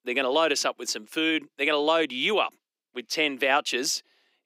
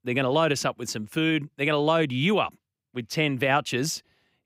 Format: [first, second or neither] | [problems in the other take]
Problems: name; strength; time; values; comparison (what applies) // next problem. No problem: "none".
second | thin; somewhat; fading below 300 Hz